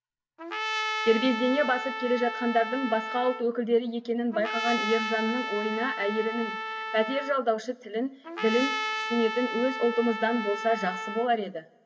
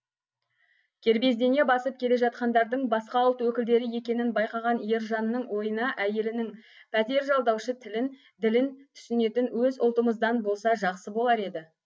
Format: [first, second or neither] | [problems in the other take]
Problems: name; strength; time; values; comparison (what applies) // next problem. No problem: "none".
second | background sound (Trumpet); 5 dB below the speech // room echo; dies away in 1.2 s